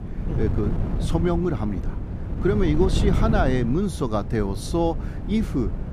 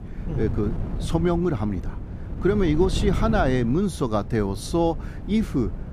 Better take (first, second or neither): second